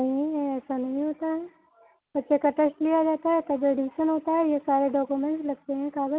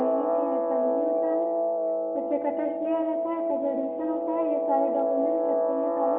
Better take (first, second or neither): first